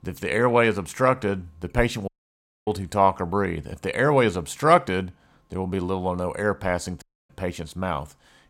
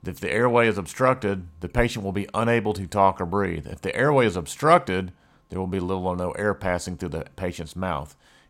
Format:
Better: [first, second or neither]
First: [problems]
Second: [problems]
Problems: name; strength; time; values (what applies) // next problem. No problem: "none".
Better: second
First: audio cutting out; at 2 s for 0.5 s and at 7 s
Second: none